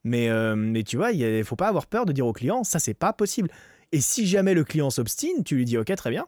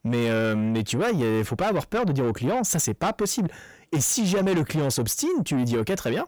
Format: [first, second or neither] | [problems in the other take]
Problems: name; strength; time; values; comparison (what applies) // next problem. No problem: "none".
first | distortion; slight; 10 dB below the speech